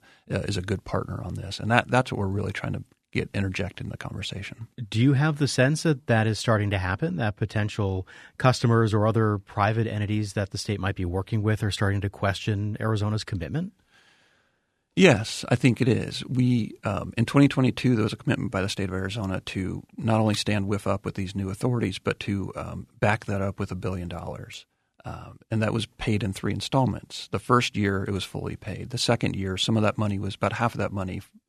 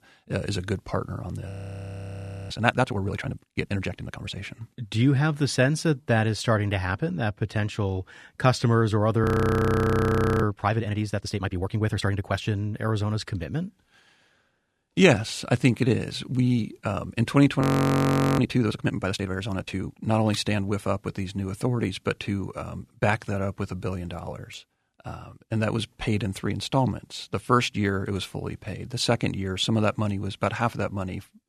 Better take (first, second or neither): first